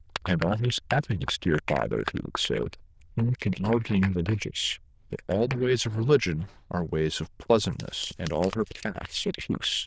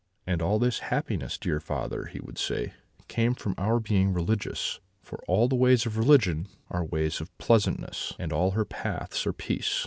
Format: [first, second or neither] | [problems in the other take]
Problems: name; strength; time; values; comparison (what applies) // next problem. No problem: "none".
second | noise reduction (neural diffusion model UNIVERSE++)